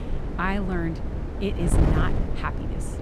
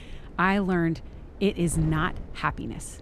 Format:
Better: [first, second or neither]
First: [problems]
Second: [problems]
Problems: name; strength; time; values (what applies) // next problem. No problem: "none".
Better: second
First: wind noise on the microphone; heavy; 4 dB below the speech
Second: wind noise on the microphone; occasional gusts; 20 dB below the speech